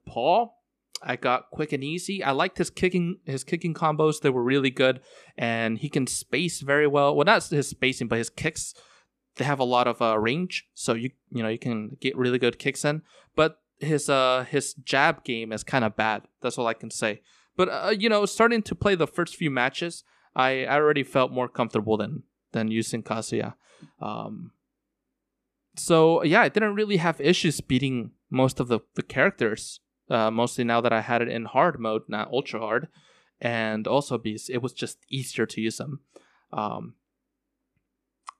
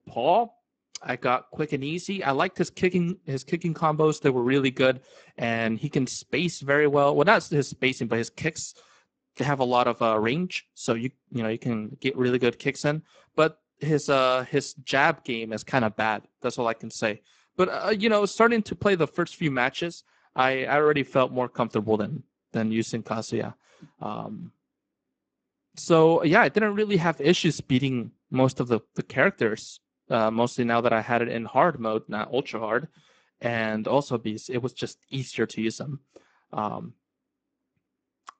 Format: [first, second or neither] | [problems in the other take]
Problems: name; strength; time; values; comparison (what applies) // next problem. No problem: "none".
first | garbled, watery; badly; nothing above 8 kHz